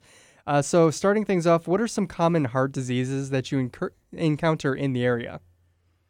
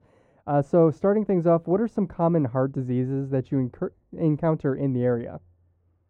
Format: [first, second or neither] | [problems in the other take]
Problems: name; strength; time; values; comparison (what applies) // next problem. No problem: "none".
first | muffled; very; fading above 2 kHz